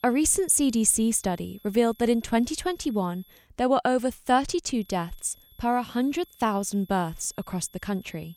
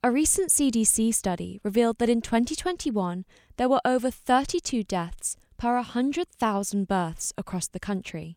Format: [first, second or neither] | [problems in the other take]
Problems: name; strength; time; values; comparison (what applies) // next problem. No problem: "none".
second | high-pitched whine; faint; until 3.5 s and from 5 s on; 11.5 kHz, 30 dB below the speech